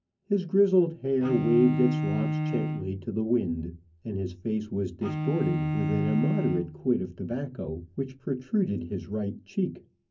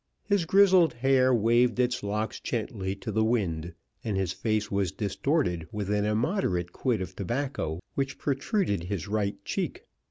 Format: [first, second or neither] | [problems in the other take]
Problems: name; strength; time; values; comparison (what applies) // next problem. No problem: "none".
second | background sound (Bowed string instrument); 4 dB below the speech // room echo; dies away in 0.3 s